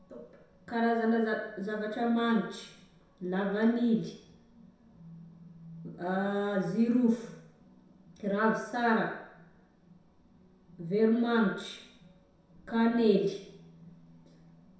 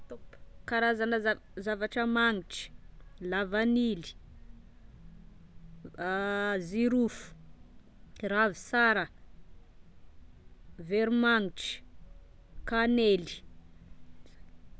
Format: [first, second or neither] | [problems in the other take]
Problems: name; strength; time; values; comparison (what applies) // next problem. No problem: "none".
second | room echo; dies away in 0.7 s